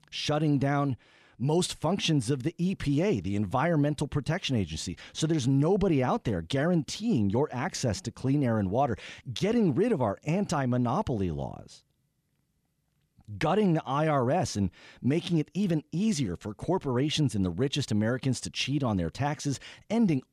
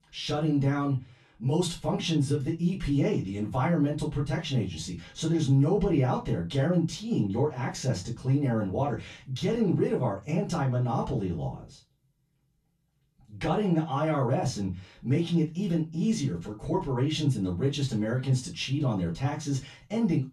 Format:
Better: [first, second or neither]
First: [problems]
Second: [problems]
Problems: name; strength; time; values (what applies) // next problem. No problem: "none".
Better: first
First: none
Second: off-mic speech; far // room echo; very slight; dies away in 0.2 s